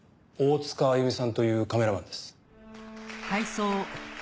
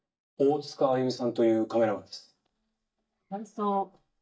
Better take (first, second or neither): first